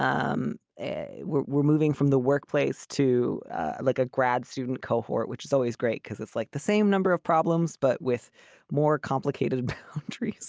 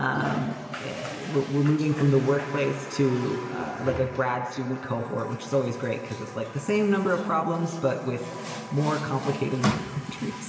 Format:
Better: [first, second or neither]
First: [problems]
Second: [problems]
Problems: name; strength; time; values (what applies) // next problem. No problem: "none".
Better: first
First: none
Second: background sound (Water tap, faucet); 10 dB below the speech // room echo; dies away in 2.6 s